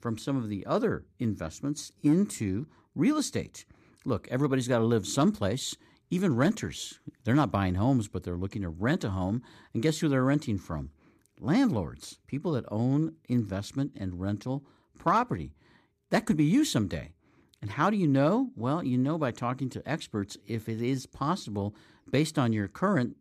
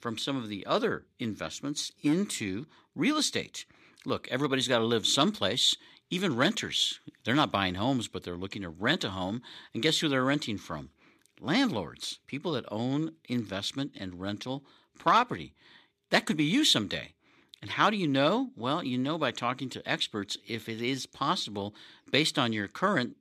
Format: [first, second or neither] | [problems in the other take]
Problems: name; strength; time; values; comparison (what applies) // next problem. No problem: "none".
first | thin; very slightly; fading below 550 Hz